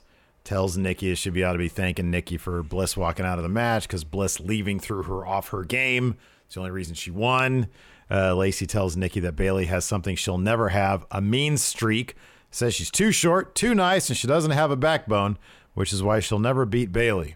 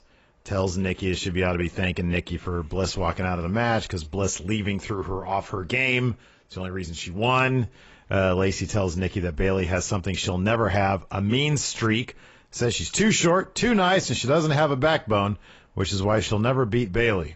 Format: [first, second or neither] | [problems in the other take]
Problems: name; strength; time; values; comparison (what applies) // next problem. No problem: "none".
first | garbled, watery; badly; nothing above 7.5 kHz